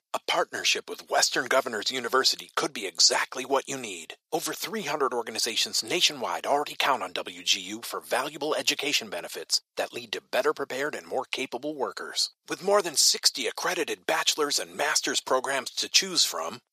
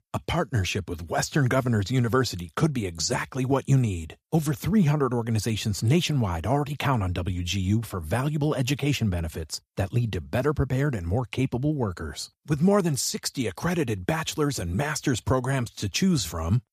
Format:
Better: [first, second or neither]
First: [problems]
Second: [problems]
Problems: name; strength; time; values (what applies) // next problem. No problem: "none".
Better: second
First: thin; very; fading below 450 Hz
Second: none